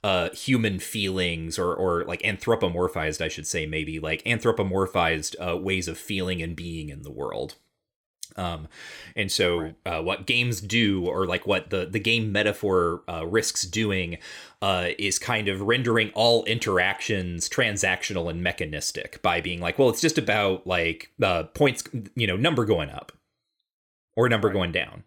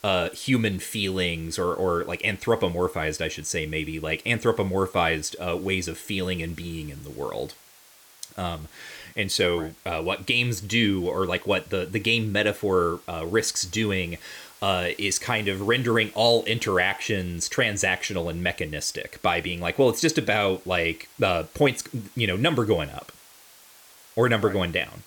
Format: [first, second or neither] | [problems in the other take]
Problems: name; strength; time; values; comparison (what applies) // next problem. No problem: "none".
first | hiss; faint; throughout; 25 dB below the speech